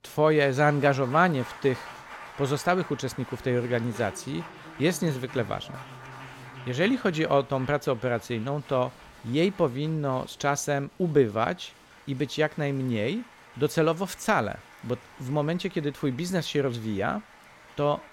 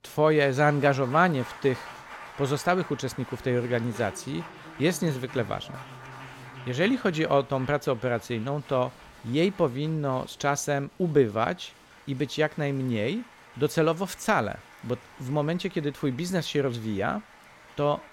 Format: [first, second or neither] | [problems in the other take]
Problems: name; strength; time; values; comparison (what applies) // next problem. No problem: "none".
neither | crowd noise; noticeable; throughout; 20 dB below the speech; the same in both